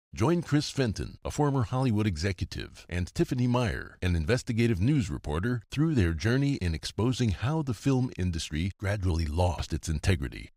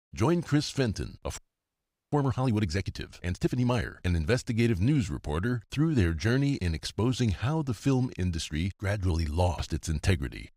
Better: first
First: none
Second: audio freezing; at 1.5 s for 0.5 s

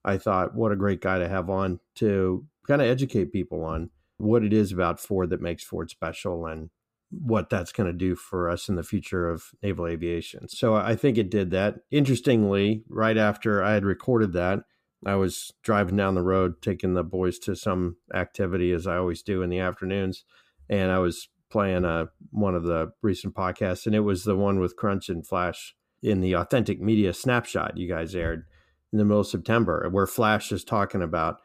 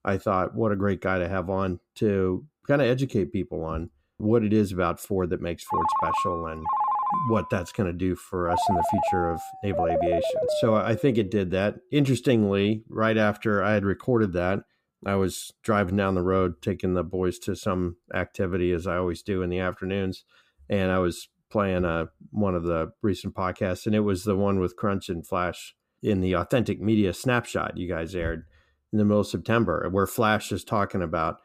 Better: first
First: none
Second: phone ringing; loud; from 5.5 to 11 s; peak 2 dB above the speech

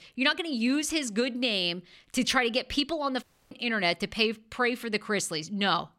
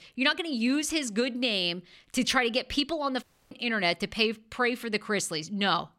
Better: neither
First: audio cutting out; at 3 s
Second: audio cutting out; at 3 s

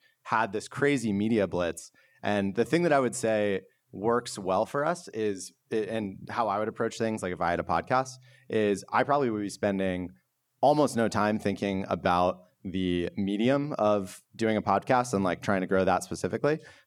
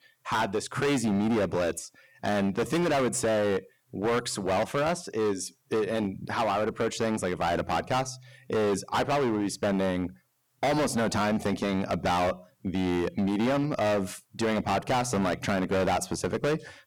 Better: first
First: none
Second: distortion; heavy; 20% of the sound clipped

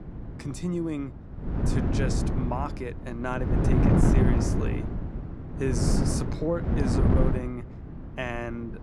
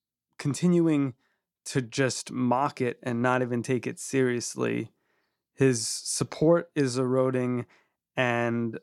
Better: second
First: wind noise on the microphone; heavy; 1 dB above the speech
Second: none

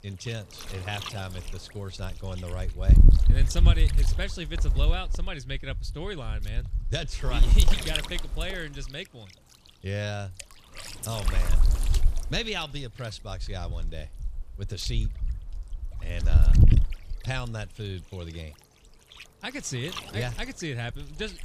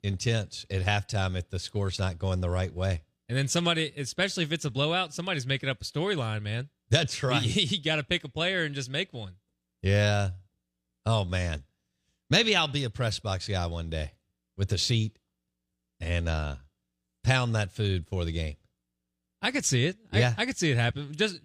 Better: second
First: wind noise on the microphone; heavy; 3 dB below the speech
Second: none

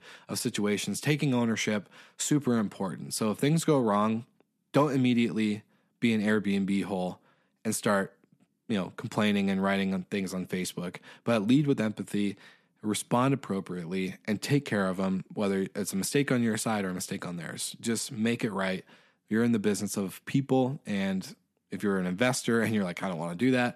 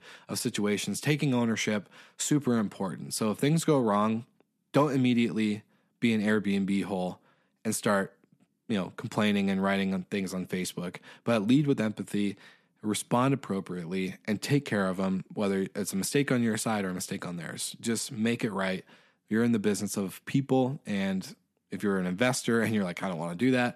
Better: neither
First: none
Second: none

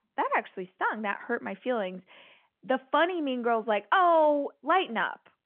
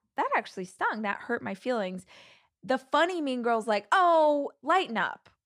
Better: second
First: phone-call audio; nothing above 3 kHz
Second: none

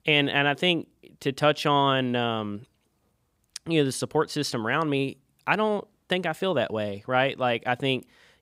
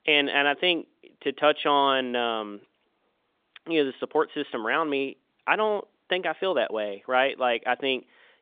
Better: first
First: none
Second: phone-call audio; nothing above 3.5 kHz

